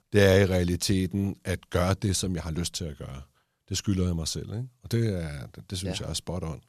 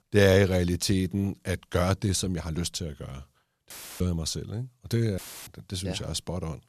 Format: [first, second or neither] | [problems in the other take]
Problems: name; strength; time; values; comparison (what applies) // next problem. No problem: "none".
first | audio cutting out; filled with static; at 3.5 s and at 5 s